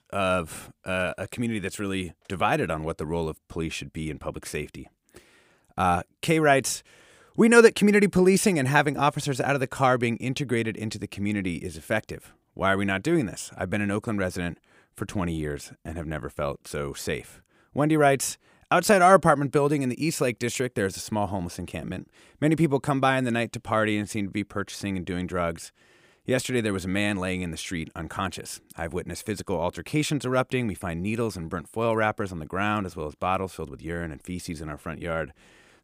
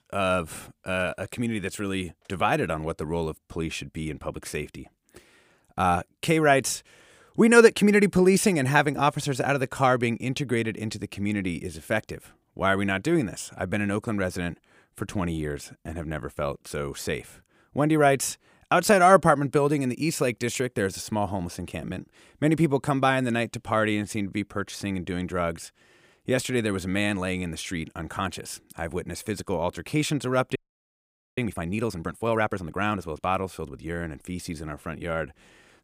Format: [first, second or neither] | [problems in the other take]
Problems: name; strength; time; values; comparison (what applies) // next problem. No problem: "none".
first | audio freezing; at 31 s for 1 s